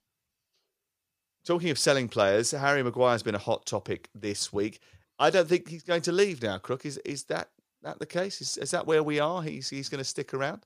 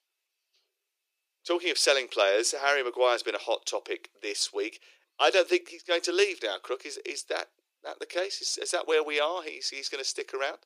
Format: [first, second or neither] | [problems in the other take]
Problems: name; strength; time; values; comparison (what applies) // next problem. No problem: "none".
first | thin; very; fading below 350 Hz